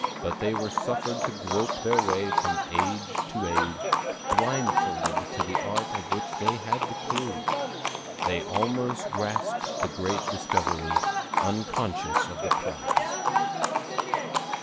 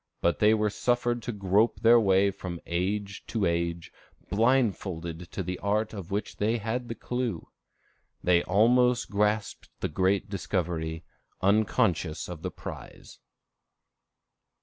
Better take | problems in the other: second | background sound (Livestock, farm animals, working animals); 5 dB above the speech

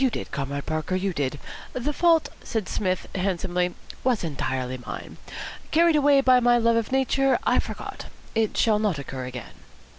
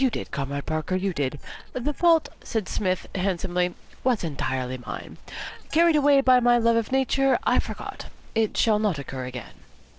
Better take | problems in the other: first | noise reduction (neural separator model SepFormer DNS4)

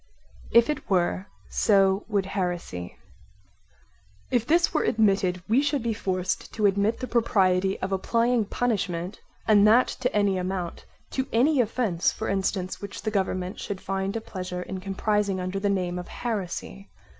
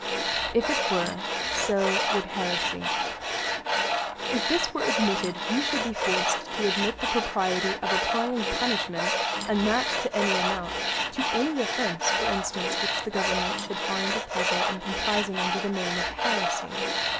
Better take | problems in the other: first | background sound (Tools); 3 dB above the speech

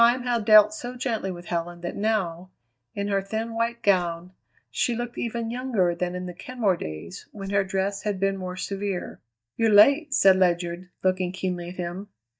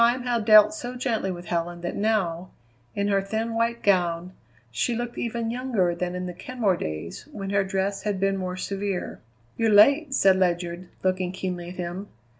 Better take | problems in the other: second | noise reduction (neural mask model DeepFilterNet 3)

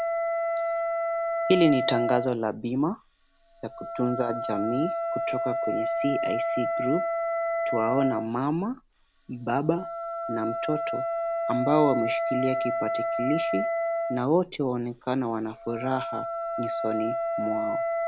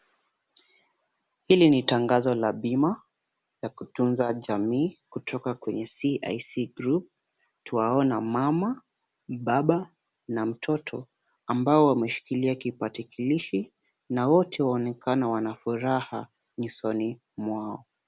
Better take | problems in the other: second | background sound (Wind instrument, woodwind instrument); as loud as the speech

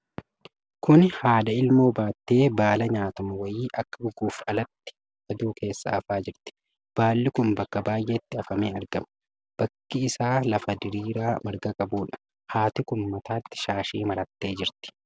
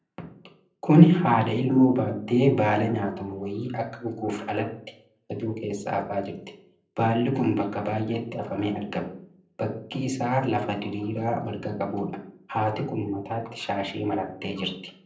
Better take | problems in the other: first | room echo; dies away in 0.6 s

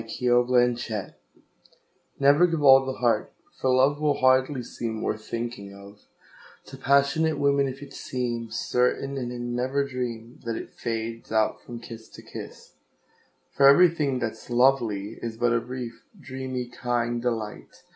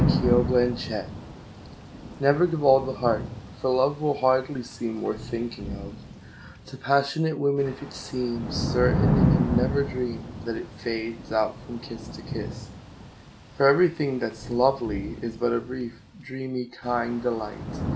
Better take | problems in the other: first | background sound (Thunder / Rain); 4 dB below the speech

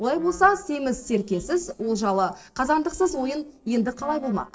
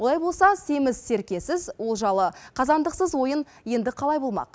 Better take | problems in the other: second | noise reduction (neural separator model SepFormer DNS4)

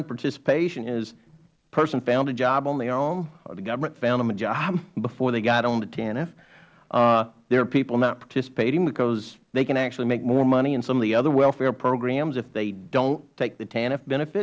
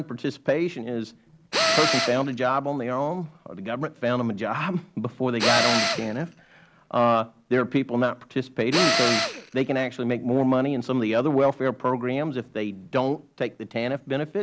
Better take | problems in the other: first | background sound (Tools); as loud as the speech

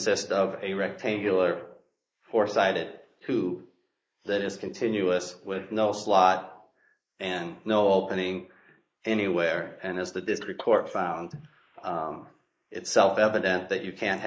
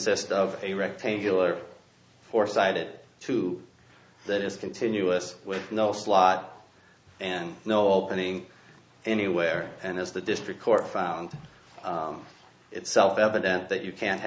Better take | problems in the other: second | noise reduction (neural mask model Resemble Enhance denoiser)

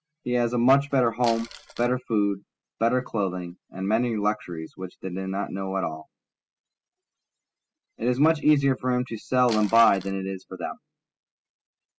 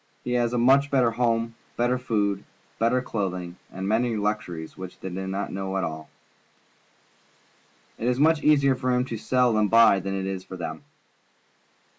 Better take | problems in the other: second | noise reduction (classical method spectral subtraction)

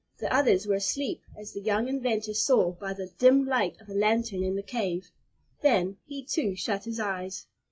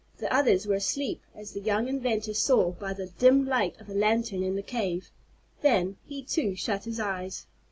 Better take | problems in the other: second | noise reduction (classical method log-MMSE)

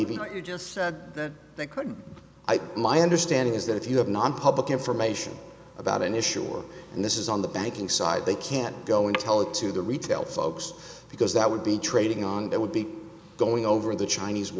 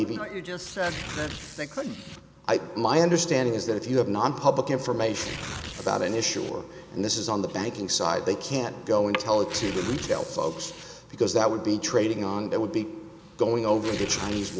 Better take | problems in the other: first | background sound (Tearing); 16 dB below the speech

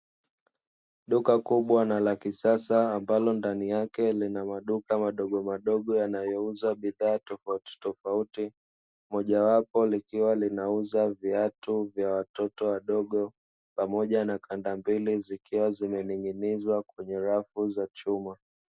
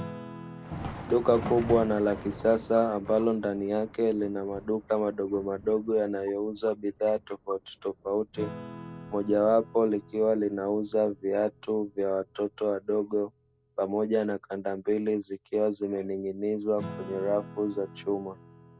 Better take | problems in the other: first | background sound (Acoustic guitar / Strum + Thunder); 15 dB below the speech

